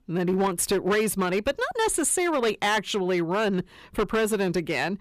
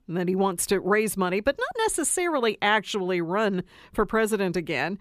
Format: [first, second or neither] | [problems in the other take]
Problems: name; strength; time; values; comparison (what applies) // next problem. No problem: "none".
second | distortion; slight; 9% of the sound clipped